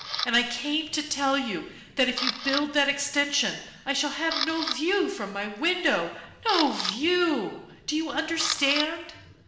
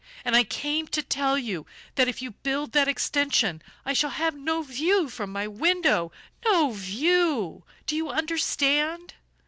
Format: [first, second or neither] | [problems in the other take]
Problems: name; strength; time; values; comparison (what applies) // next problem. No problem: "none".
second | background sound (Camera); 9 dB below the speech // room echo; dies away in 0.9 s